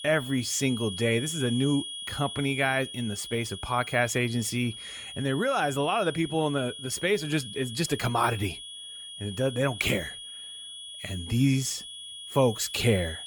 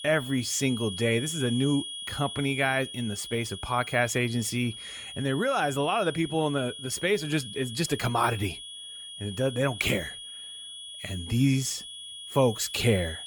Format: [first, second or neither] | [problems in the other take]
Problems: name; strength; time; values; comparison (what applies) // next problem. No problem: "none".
neither | high-pitched whine; loud; throughout; 3.5 kHz, 10 dB below the speech; the same in both